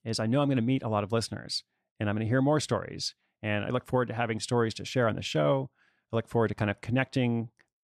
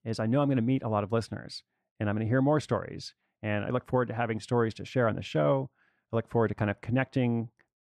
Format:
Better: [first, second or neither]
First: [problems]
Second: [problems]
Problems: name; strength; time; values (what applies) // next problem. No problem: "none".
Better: first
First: none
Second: muffled; slightly; fading above 3 kHz